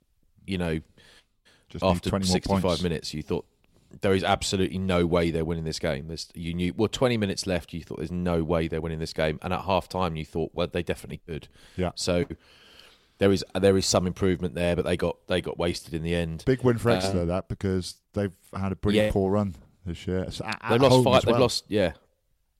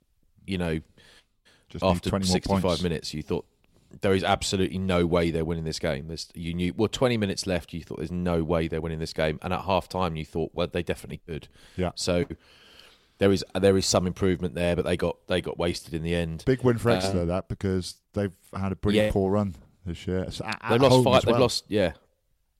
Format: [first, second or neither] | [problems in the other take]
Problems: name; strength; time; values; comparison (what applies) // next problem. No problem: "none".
neither | none